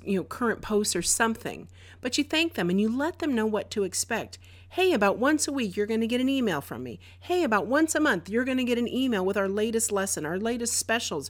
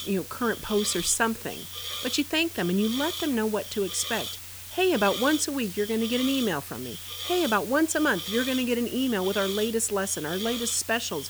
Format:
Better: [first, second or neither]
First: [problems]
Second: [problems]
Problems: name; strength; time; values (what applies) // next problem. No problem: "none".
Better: first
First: none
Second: hiss; loud; throughout; 7 dB below the speech